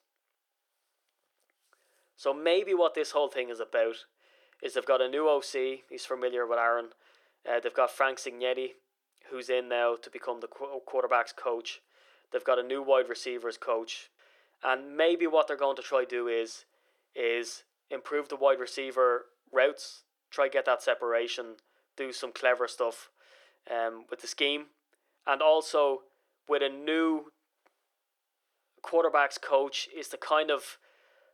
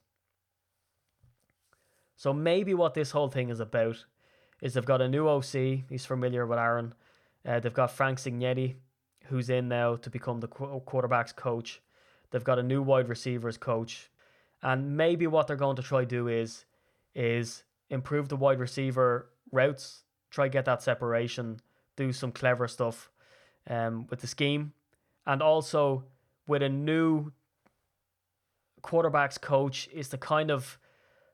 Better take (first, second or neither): second